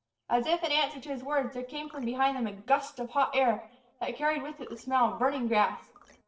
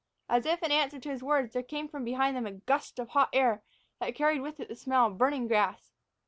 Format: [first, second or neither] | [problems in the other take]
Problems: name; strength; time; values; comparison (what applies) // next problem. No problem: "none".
second | noise reduction (neural separator model SepFormer DNS4)